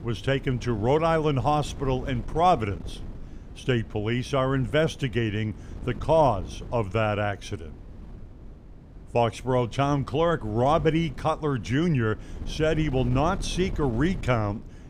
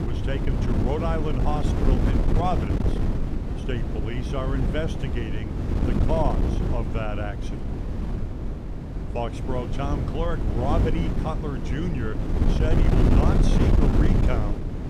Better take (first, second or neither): first